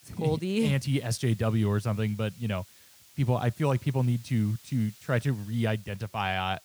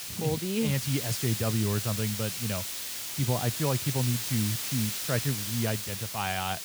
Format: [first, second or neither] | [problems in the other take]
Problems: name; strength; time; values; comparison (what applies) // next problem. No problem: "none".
first | hiss; loud; throughout; 2 dB below the speech; faint in the first